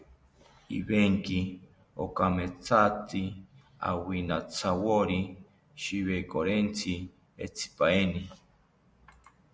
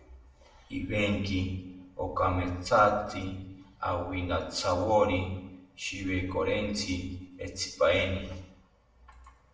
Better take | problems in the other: first | room echo; dies away in 0.7 s

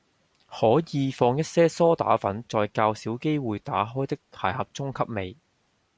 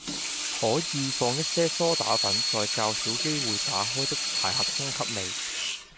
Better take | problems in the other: first | background sound (Sink (filling or washing) / Water tap, faucet); 2 dB above the speech

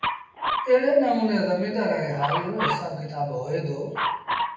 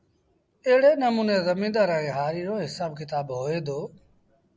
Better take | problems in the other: second | background sound (Dog); 5 dB below the speech // room echo; dies away in 0.8 s

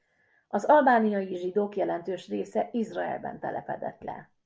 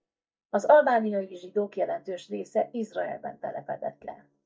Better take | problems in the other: first | noise reduction (neural mask model DeepFilterNet 3)

